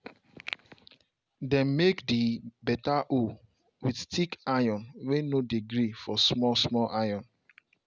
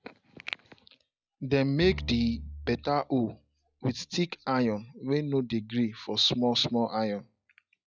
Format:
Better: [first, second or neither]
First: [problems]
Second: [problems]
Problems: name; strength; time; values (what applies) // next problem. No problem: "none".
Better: first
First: none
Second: noise reduction (classical method log-MMSE)